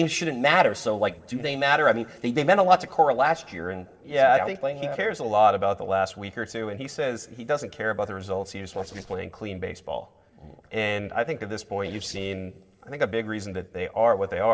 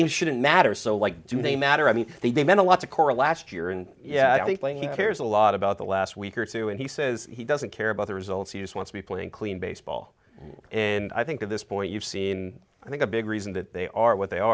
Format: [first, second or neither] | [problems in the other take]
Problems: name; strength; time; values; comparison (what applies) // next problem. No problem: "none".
second | noise reduction (neural separator model SepFormer DNS4)